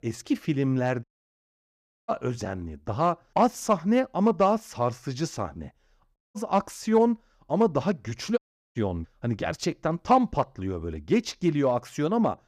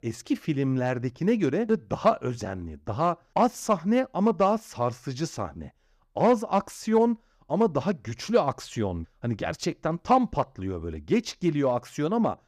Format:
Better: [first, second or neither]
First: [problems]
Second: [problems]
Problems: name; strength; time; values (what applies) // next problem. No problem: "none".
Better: second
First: audio cutting out; at 1 s for 1 s, at 6 s and at 8.5 s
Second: none